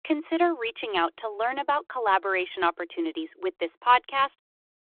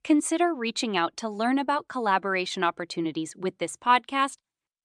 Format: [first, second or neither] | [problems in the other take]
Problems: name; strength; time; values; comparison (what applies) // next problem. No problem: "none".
second | phone-call audio